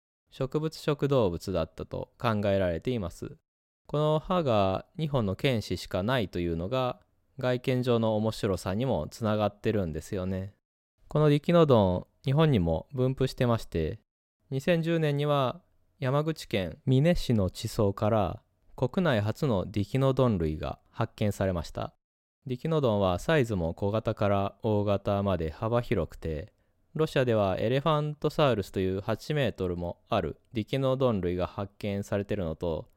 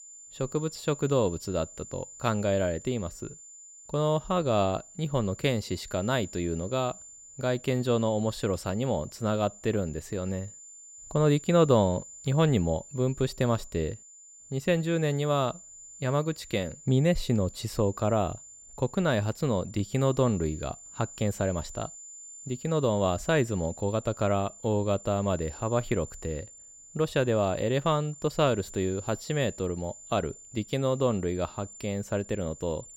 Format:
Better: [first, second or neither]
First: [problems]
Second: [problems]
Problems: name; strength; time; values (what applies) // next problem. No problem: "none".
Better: first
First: none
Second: high-pitched whine; noticeable; throughout; 7 kHz, 15 dB below the speech